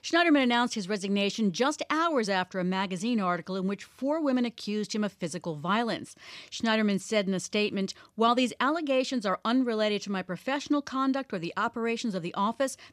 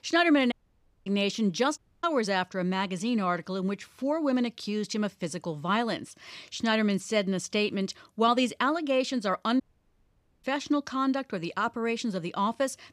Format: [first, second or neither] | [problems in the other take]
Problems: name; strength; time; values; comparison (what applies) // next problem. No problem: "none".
first | audio cutting out; at 0.5 s for 0.5 s, at 2 s and at 9.5 s for 1 s